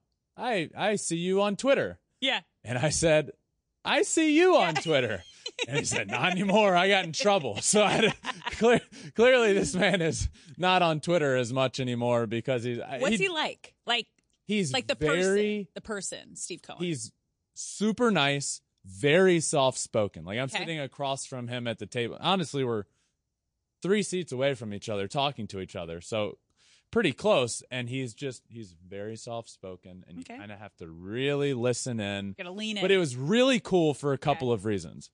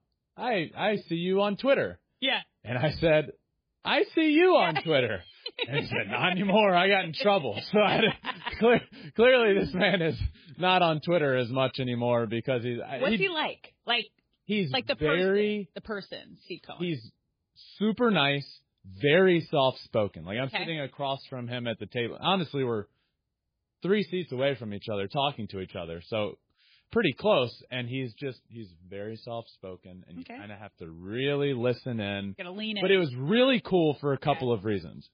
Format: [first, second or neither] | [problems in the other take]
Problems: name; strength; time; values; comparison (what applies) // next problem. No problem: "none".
first | garbled, watery; badly; slightly in the first